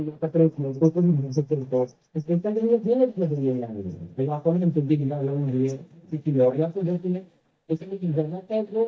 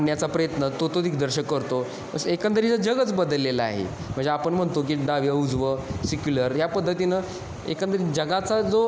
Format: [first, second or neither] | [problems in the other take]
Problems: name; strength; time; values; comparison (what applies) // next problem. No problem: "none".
second | noise reduction (neural mask model DeepFilterNet 3)